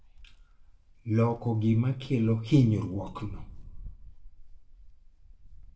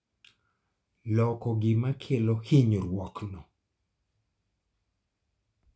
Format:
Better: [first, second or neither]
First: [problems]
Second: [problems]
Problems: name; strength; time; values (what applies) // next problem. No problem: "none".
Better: second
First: background sound (Wind); 16 dB below the speech // room echo; dies away in 0.7 s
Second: none